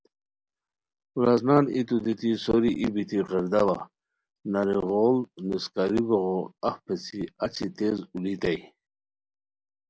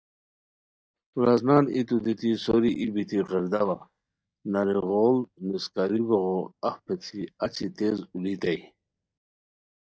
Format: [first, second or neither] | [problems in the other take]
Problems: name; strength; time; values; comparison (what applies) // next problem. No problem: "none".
first | noise reduction (neural mask model DeepFilterNet 3)